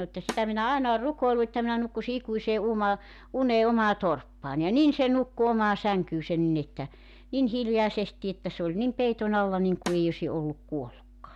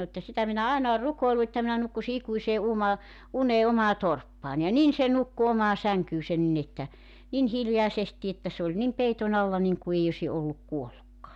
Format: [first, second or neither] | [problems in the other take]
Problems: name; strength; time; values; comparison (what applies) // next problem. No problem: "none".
second | background sound (Snare drum); 16 dB below the speech